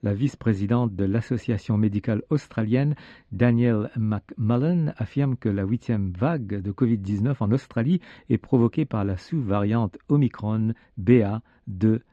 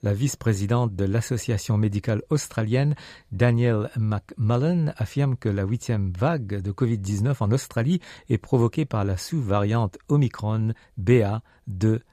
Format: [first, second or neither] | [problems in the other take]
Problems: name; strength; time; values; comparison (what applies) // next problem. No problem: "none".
second | muffled; slightly; fading above 3 kHz